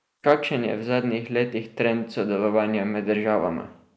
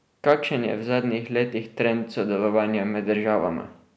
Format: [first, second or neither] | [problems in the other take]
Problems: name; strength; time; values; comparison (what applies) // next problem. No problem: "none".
second | noise reduction (neural mask model Resemble Enhance denoiser)